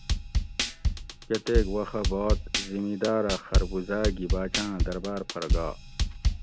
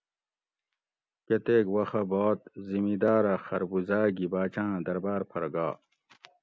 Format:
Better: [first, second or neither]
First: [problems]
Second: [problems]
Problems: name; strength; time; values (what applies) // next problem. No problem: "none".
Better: second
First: background sound (Drum kit); 3 dB above the speech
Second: none